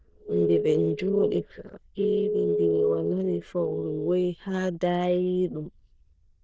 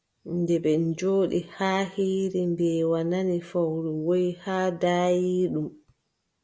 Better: second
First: noise reduction (neural diffusion model UNIVERSE++)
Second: none

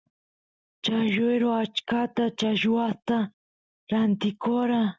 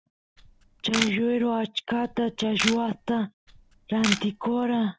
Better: first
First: none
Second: background sound (Camera); 7 dB below the speech

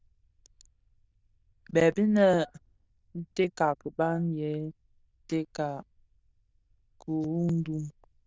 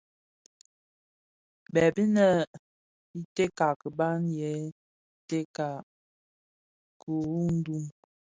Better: second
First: noise reduction (neural diffusion model UNIVERSE++)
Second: none

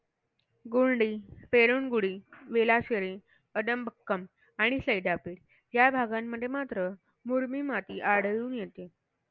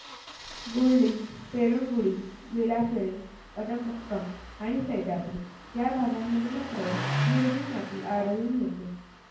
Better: first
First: none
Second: background sound (Engine starting); 8 dB below the speech // room echo; dies away in 0.9 s

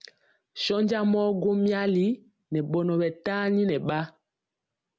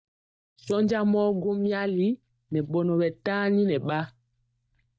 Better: first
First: none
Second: noise reduction (neural mask model DeepFilterNet 3)

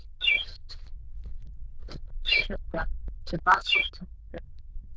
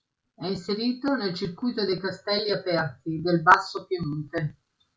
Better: second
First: noise reduction (neural diffusion model UNIVERSE++)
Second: none

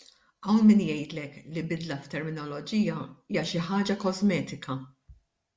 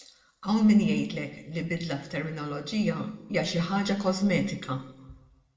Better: first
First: none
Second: room echo; dies away in 0.9 s

